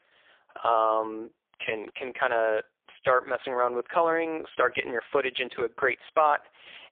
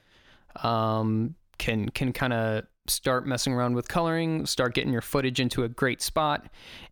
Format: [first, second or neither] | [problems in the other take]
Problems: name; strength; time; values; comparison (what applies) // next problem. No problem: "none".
second | phone-call audio; poor line; nothing above 3.5 kHz